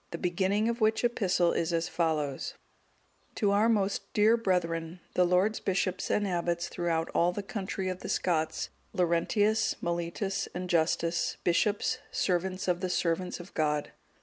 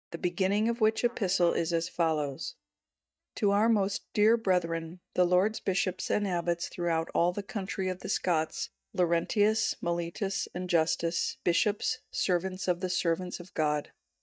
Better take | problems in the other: first | noise reduction (neural mask model DeepFilterNet 3)

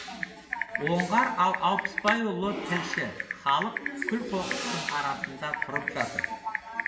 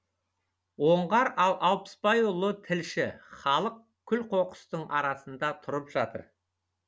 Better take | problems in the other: second | background sound (Typing); 3 dB below the speech // room echo; dies away in 0.9 s

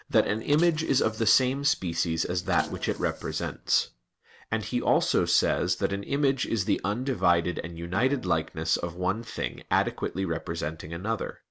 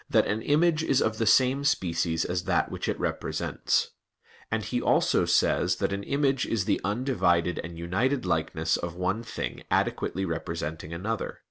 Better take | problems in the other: second | background sound (Bicycle + Snare drum); 18 dB below the speech

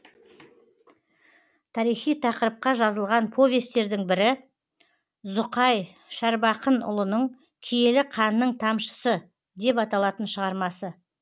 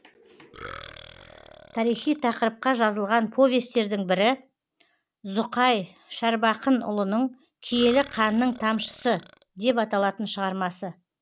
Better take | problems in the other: first | background sound (Burping, eructation); 19 dB below the speech

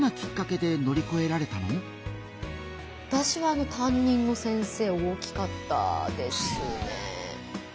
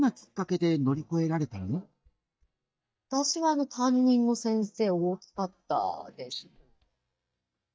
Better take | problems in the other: first | noise reduction (neural mask model DeepFilterNet 3)

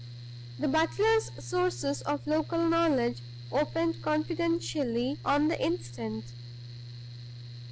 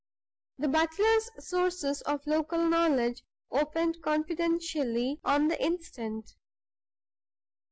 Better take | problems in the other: second | background sound (Mechanical fan); 12 dB below the speech

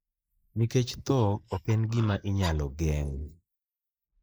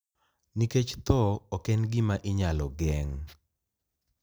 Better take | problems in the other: second | noise reduction (neural mask model Resemble Enhance denoiser)

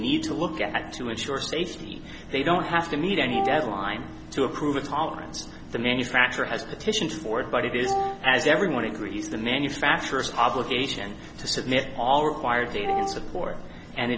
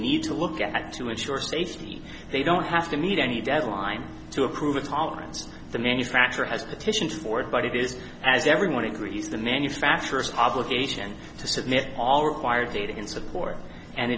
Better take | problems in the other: second | background sound (Wind instrument, woodwind instrument); 3 dB below the speech

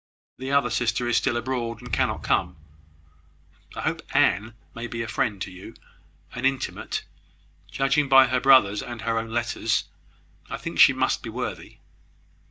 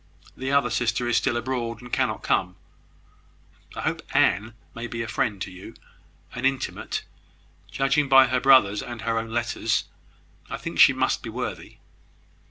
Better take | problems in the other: second | noise reduction (neural mask model DeepFilterNet 3)

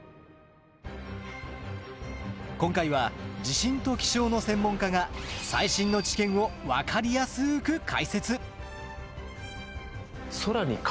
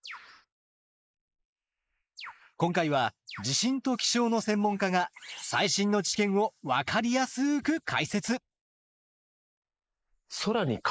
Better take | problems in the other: first | noise reduction (neural mask model Resemble Enhance denoiser)

